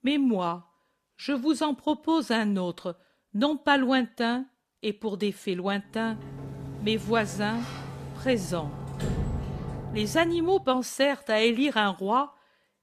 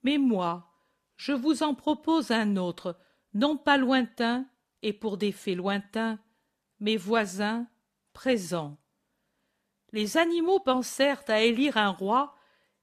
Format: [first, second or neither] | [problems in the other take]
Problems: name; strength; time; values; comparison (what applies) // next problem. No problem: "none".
second | door banging; noticeable; from 6 to 11 s; peak 3 dB below the speech